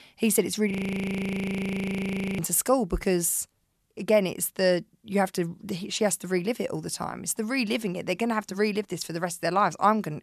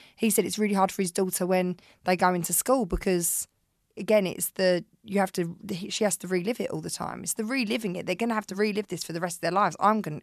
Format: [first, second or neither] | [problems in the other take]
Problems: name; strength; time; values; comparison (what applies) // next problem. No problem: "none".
second | audio freezing; at 0.5 s for 1.5 s